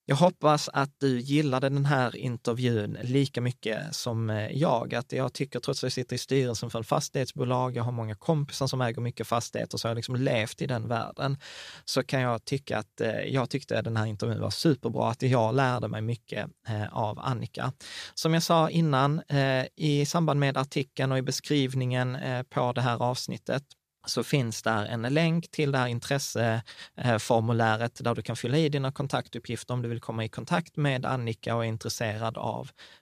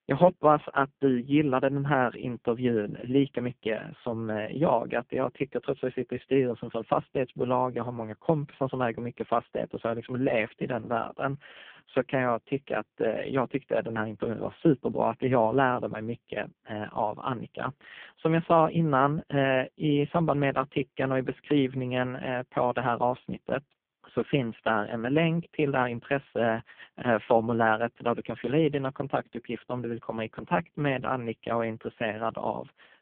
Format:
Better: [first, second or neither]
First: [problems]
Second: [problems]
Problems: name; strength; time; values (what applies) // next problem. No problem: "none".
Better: first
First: none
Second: phone-call audio; poor line